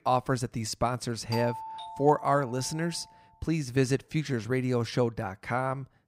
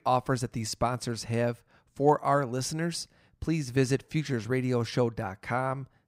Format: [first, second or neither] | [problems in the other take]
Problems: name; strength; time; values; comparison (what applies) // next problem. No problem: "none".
second | doorbell; noticeable; from 1.5 to 3 s; peak 7 dB below the speech